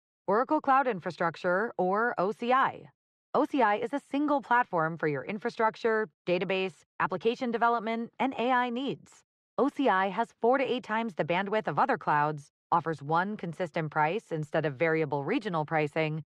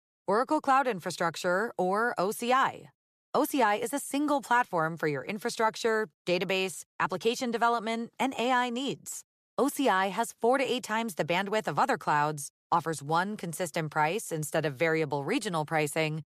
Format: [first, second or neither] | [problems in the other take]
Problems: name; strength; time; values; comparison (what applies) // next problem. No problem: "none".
second | muffled; slightly; fading above 2.5 kHz